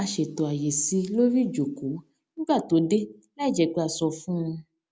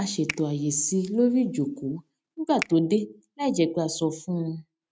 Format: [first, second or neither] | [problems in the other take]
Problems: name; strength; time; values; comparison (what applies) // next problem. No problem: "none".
first | noise reduction (neural mask model RNNoise)